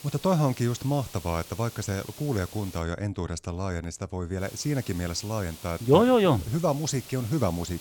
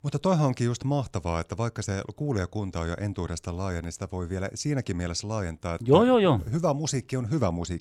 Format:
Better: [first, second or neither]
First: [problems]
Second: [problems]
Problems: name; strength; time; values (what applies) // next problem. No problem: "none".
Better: second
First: hiss; noticeable; until 3 s and from 4.5 s on; 15 dB below the speech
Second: none